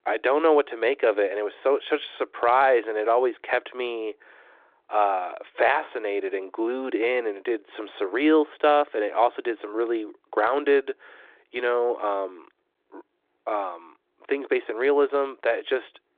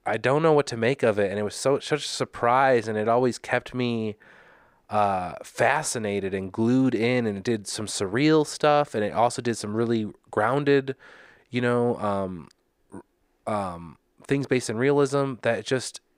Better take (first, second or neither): second